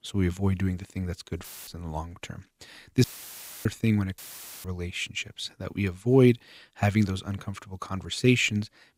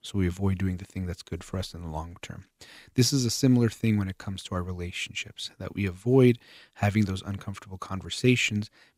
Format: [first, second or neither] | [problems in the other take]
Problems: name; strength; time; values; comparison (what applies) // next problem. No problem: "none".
second | audio cutting out; filled with static; at 1.5 s, at 3 s for 0.5 s and at 4 s